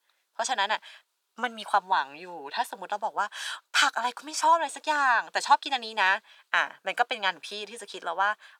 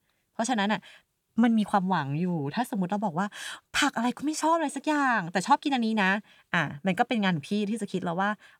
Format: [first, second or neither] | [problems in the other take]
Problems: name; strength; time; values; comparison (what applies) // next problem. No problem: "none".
second | thin; very; fading below 500 Hz